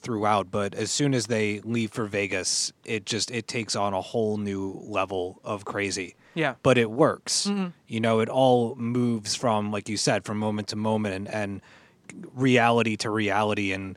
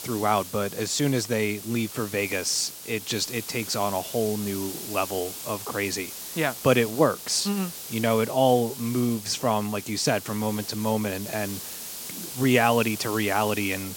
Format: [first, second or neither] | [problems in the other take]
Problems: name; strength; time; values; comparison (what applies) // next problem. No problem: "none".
first | hiss; loud; throughout; 10 dB below the speech